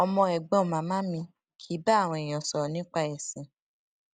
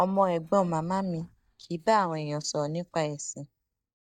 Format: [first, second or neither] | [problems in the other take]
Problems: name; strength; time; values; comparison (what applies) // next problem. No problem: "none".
first | noise reduction (neural mask model DeepFilterNet 3)